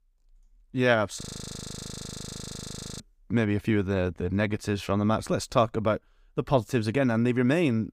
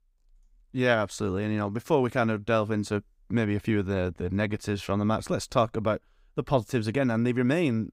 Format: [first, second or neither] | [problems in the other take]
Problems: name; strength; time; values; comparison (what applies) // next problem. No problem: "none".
second | audio freezing; at 1 s for 2 s